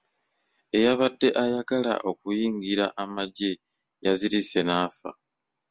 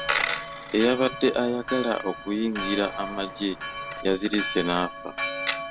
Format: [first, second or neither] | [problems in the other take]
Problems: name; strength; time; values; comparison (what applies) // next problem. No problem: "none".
first | background sound (Coin (dropping) + Church bell); 5 dB below the speech